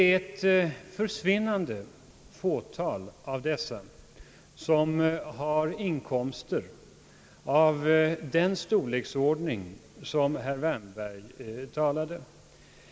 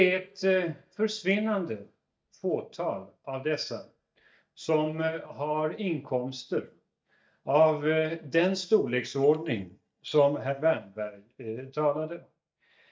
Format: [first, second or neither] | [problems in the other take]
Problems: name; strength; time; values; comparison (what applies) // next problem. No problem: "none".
first | noise reduction (neural mask model DeepFilterNet 3)